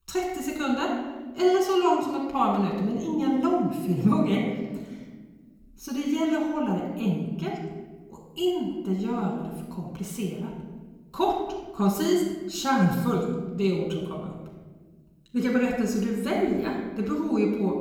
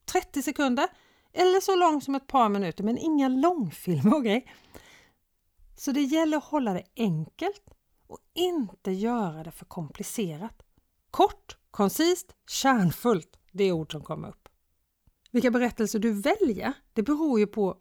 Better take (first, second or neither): second